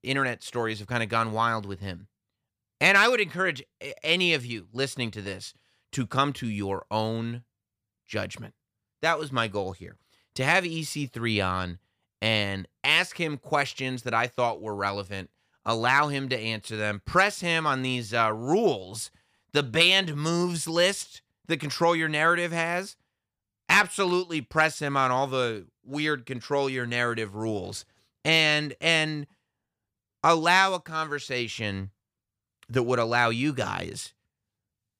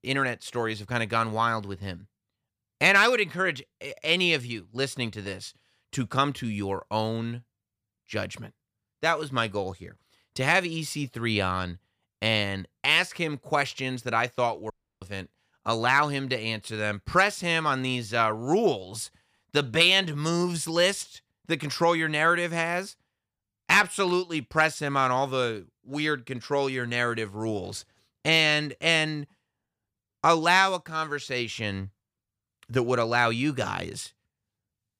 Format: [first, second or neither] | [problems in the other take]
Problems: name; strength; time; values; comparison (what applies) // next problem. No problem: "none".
first | audio cutting out; at 15 s